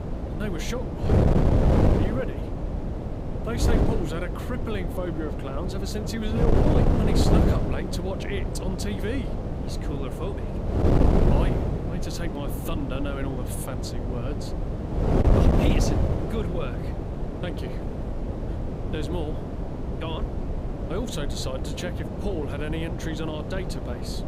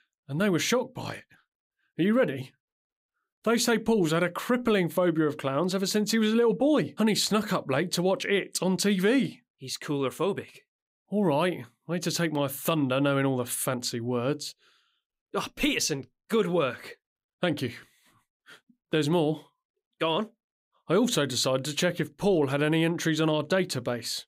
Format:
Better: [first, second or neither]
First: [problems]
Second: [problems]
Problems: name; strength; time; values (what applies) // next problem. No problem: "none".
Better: second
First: wind noise on the microphone; heavy; 2 dB above the speech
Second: none